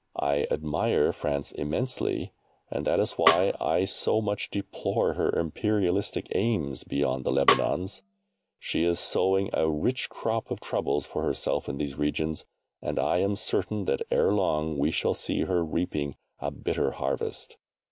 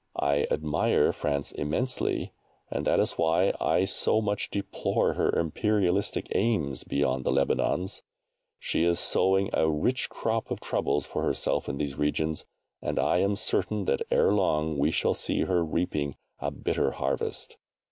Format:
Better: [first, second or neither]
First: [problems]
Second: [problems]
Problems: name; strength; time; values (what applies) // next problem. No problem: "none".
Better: second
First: background sound (Snare drum); 2 dB below the speech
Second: none